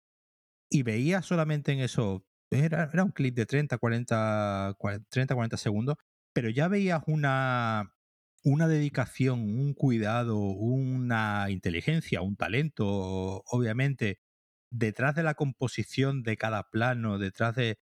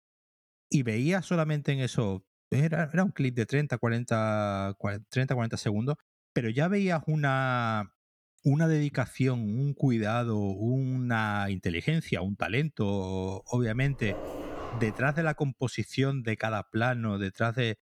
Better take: first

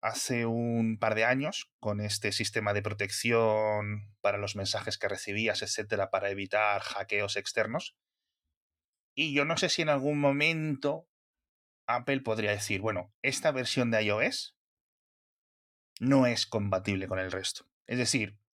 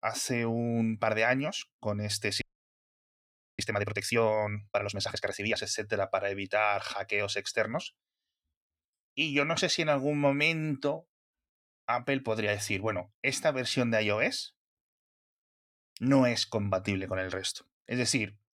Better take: first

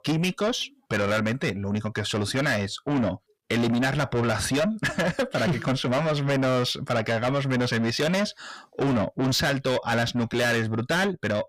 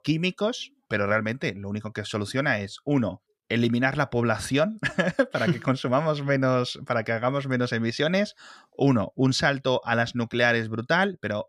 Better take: second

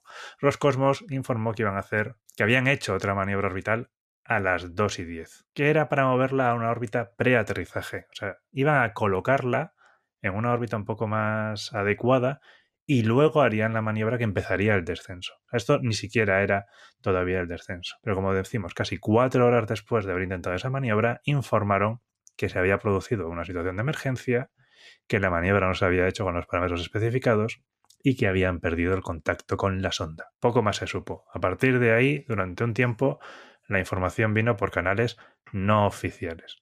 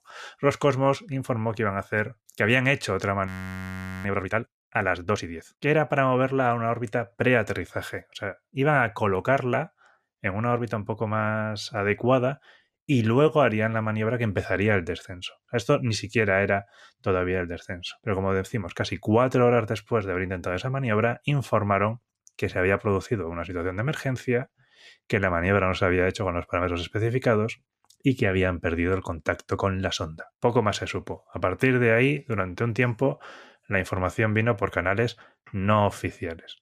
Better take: first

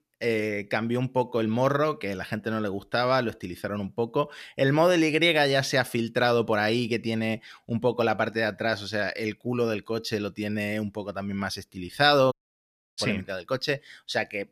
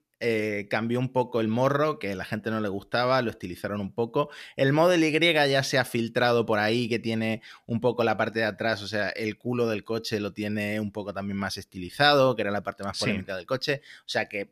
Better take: second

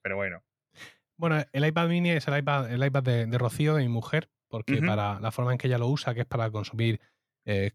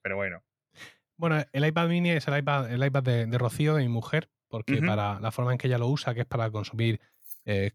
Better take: first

